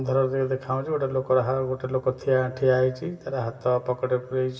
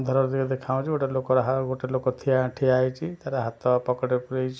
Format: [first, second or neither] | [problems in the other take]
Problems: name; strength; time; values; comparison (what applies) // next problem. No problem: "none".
second | room echo; dies away in 2.9 s